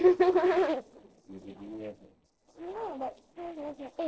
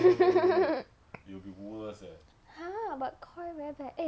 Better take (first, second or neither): second